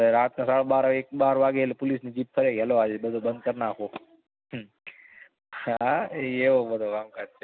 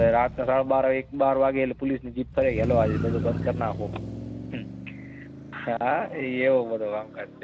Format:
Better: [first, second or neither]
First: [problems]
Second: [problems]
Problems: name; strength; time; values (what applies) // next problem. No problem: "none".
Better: first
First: none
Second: background sound (Motor vehicle (road)); 8 dB below the speech